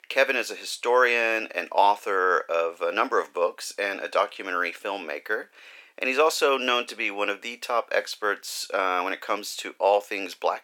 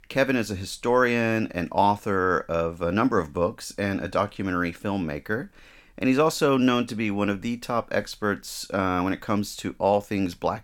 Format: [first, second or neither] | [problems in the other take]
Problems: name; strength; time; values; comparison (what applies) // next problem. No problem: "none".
second | thin; very; fading below 400 Hz